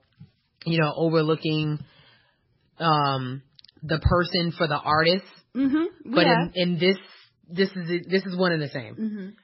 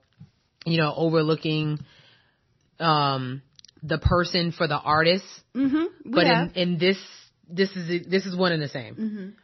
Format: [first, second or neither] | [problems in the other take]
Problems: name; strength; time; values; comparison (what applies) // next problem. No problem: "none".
second | garbled, watery; badly; nothing above 5 kHz; slightly in the second